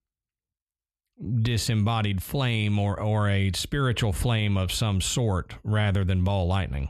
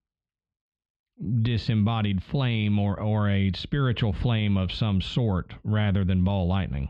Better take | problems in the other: first | muffled; slightly; fading above 4 kHz

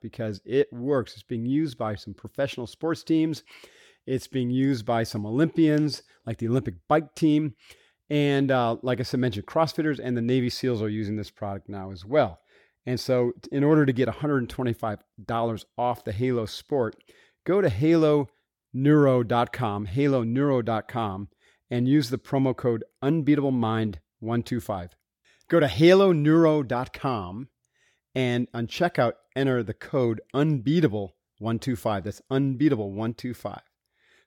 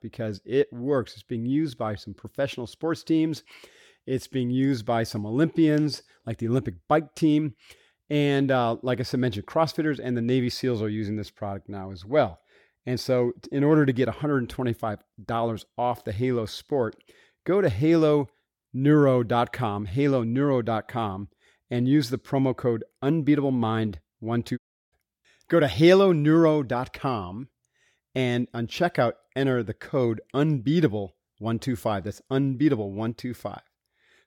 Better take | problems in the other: first | audio cutting out; at 25 s

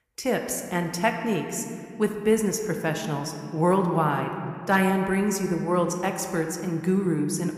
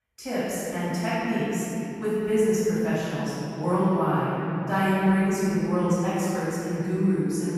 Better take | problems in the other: first | room echo; strong; dies away in 3 s; slight in the first // off-mic speech; far

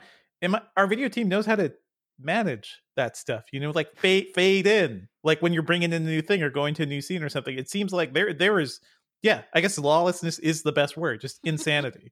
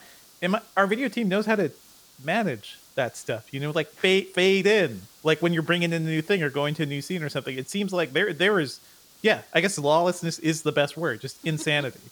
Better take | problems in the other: first | hiss; faint; throughout; 25 dB below the speech

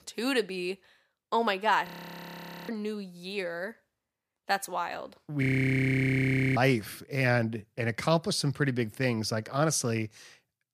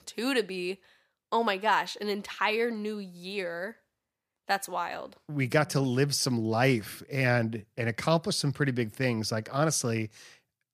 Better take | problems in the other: second | audio freezing; at 2 s for 1 s and at 5.5 s for 1 s

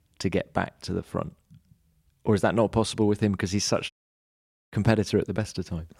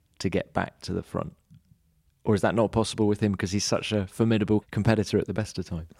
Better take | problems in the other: second | audio cutting out; at 4 s for 1 s

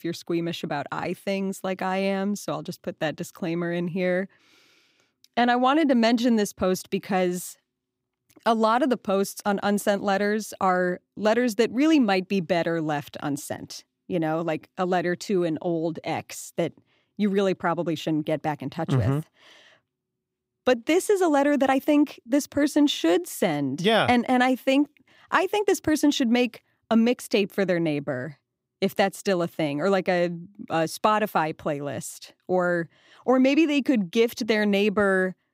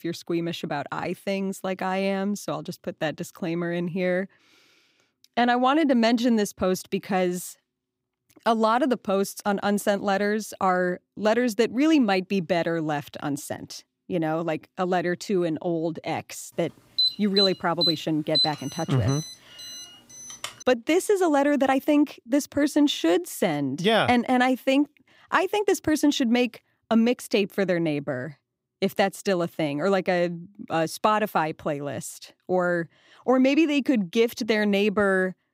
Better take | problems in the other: first | alarm; loud; from 17 to 21 s; peak 2 dB above the speech

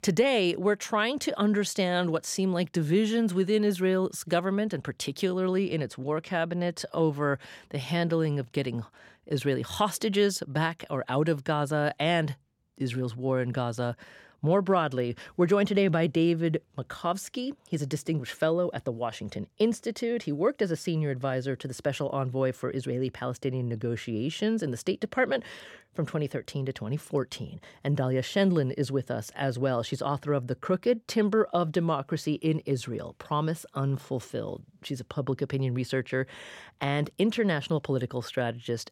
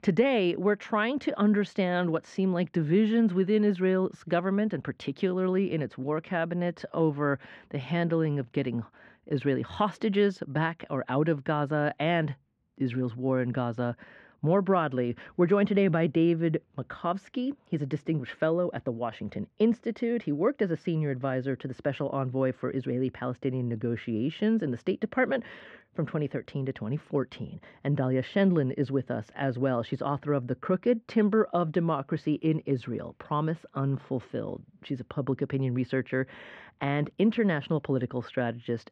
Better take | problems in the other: first | muffled; slightly; fading above 2 kHz

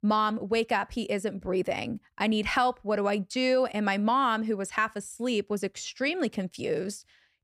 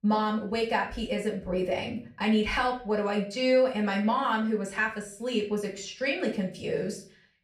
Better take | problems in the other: first | off-mic speech; far // room echo; slight; dies away in 0.4 s

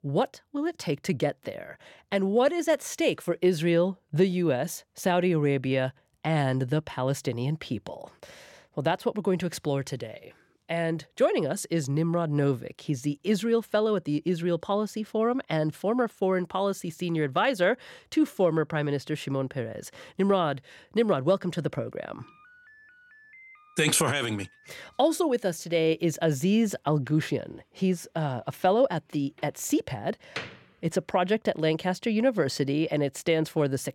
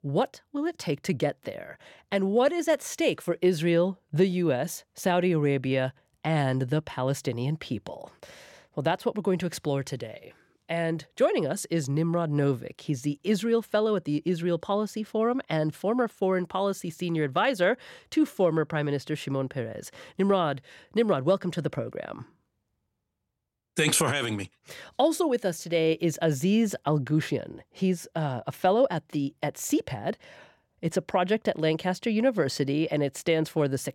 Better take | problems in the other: second | door banging; faint; from 29 to 31 s; peak 10 dB below the speech

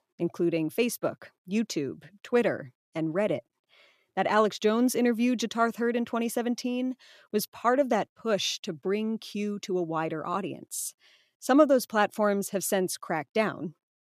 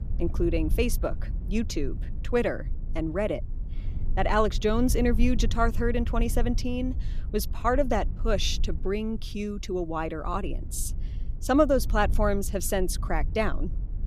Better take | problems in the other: first | low rumble; faint; throughout; 20 dB below the speech

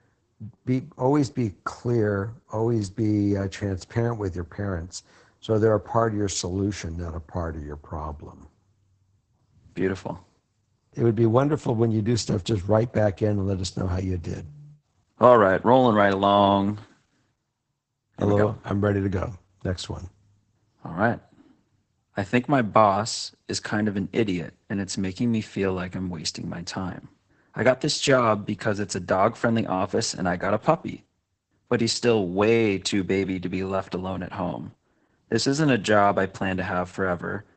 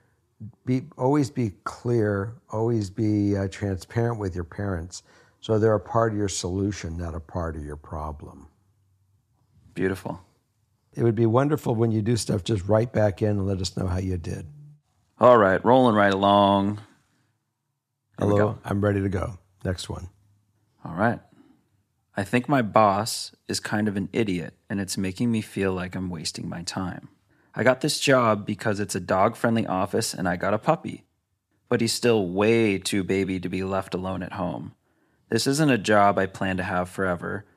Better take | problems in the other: second | garbled, watery; badly; nothing above 8 kHz

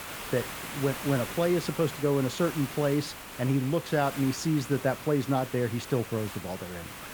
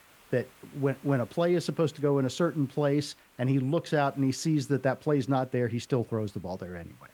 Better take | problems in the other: second | hiss; loud; throughout; 10 dB below the speech; faint in the second

